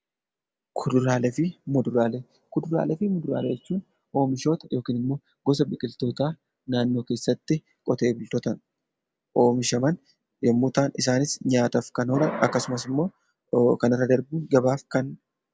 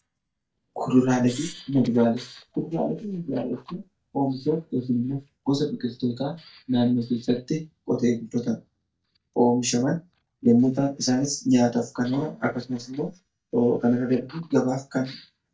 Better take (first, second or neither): first